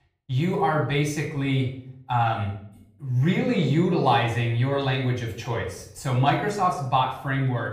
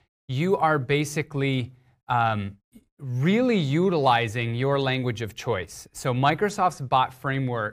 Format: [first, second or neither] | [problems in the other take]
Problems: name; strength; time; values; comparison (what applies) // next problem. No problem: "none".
second | off-mic speech; far // room echo; slight; dies away in 0.5 s